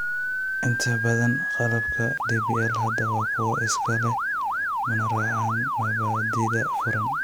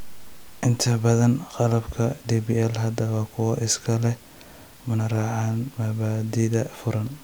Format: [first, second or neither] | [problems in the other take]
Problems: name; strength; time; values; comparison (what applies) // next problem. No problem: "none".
second | background sound (Motor vehicle (road) / Siren); 2 dB above the speech